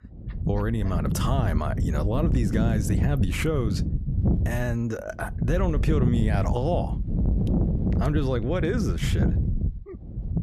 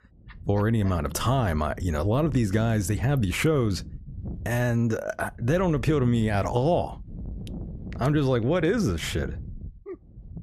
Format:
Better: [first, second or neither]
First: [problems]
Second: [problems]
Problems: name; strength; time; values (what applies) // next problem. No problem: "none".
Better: second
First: wind noise on the microphone; heavy; 7 dB below the speech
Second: wind noise on the microphone; occasional gusts; 20 dB below the speech